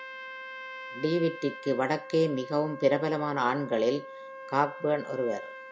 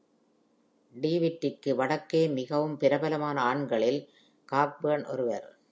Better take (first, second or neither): second